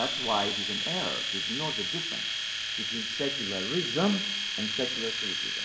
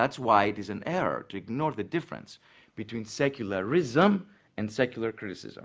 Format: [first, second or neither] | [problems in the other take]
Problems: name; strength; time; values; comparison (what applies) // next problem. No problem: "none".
second | background sound (Domestic sounds, home sounds); 2 dB above the speech // room echo; dies away in 1.8 s